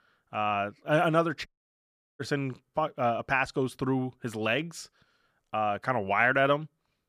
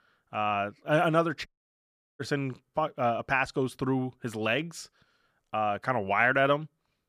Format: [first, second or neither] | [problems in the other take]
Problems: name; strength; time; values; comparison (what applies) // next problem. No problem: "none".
neither | audio cutting out; at 1.5 s for 0.5 s; the same in both